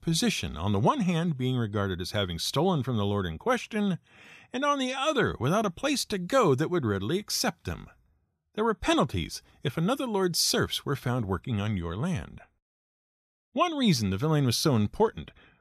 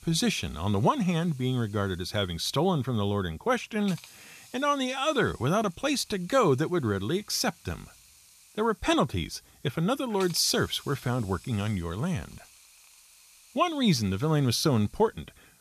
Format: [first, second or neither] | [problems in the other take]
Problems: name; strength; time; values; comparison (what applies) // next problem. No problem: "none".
first | hiss; faint; throughout; 25 dB below the speech